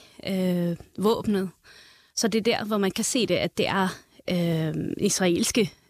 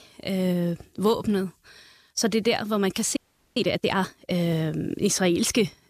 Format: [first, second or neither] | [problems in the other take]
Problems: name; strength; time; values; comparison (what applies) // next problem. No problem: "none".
first | audio freezing; at 3 s